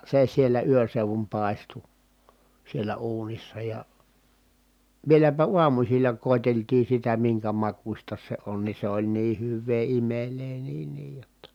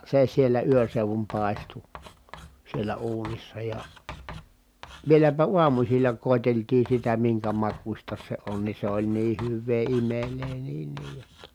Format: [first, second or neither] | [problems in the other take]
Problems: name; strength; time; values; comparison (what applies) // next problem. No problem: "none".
first | background sound (Writing); 20 dB below the speech